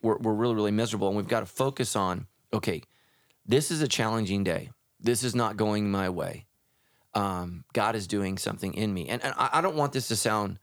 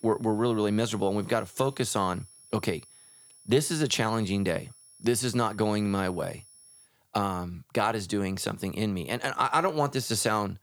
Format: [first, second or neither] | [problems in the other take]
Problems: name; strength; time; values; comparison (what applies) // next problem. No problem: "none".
first | high-pitched whine; faint; until 7 s; 10.5 kHz, 25 dB below the speech